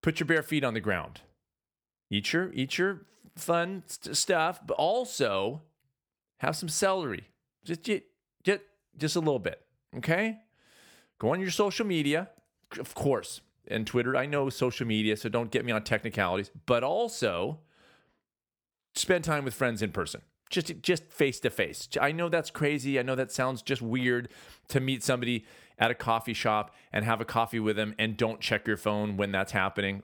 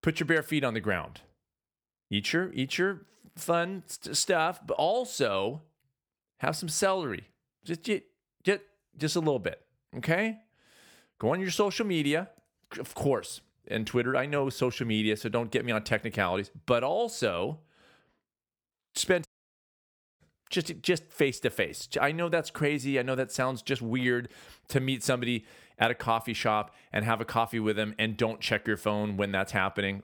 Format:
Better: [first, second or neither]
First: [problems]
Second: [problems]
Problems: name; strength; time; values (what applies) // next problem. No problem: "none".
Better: first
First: none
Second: audio cutting out; at 19 s for 1 s